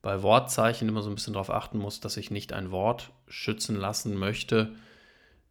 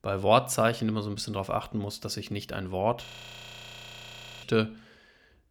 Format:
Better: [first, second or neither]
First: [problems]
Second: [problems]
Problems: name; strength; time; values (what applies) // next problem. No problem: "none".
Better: first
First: none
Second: audio freezing; at 3 s for 1.5 s